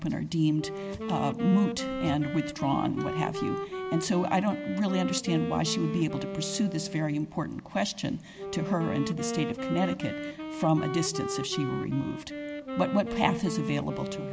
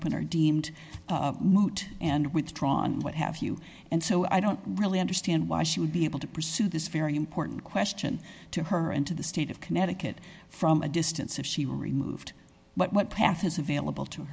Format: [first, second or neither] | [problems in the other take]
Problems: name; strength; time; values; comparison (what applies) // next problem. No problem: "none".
second | background sound (Wind instrument, woodwind instrument); 6 dB below the speech